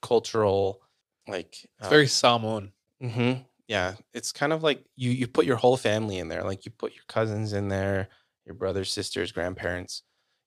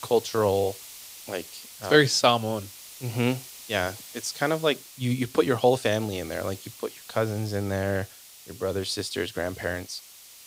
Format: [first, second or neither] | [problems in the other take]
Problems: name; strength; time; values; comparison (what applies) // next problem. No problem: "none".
first | hiss; noticeable; throughout; 15 dB below the speech